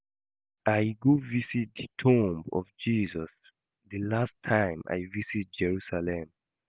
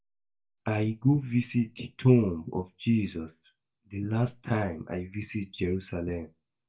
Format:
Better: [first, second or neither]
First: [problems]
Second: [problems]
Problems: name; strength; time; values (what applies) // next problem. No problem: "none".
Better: first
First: none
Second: room echo; dies away in 0.2 s